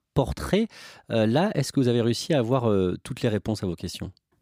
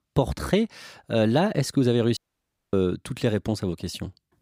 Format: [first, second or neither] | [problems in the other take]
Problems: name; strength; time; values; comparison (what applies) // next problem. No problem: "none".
first | audio cutting out; at 2 s for 0.5 s